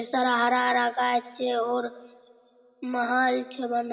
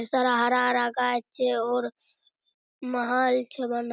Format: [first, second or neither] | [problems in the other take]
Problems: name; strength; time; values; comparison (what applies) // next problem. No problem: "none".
second | room echo; dies away in 2.3 s